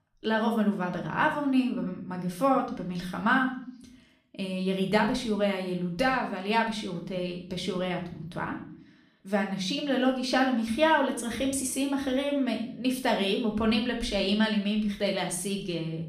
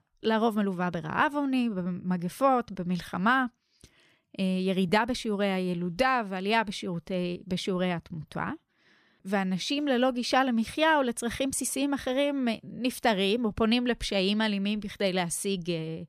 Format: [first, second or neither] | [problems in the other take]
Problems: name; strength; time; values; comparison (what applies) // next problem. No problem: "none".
second | room echo; slight; dies away in 0.5 s // off-mic speech; somewhat distant